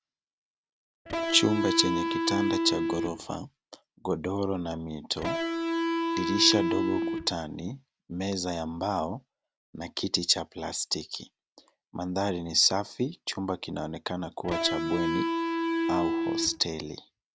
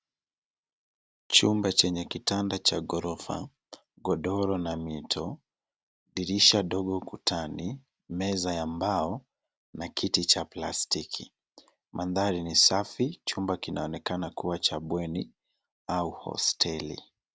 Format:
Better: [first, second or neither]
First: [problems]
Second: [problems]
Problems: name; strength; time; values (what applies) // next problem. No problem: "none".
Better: second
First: background sound (Electric guitar); 3 dB above the speech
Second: none